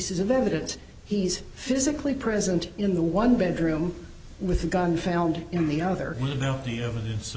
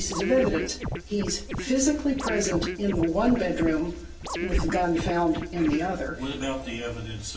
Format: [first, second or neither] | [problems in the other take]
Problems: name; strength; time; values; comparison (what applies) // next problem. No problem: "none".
first | background sound (Scratching (performance technique)); 7 dB below the speech // room echo; dies away in 0.2 s